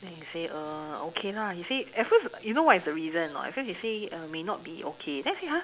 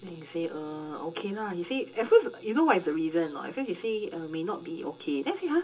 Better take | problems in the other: first | room echo; dies away in 0.2 s

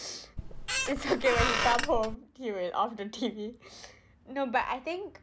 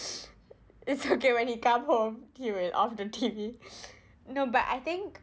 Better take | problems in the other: second | background sound (Squeak); 1 dB above the speech

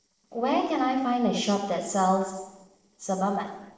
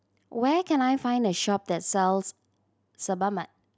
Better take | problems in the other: second | noise reduction (neural separator model SepFormer DNS4)

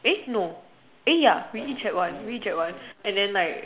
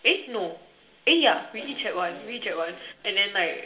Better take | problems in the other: first | room echo; dies away in 0.2 s

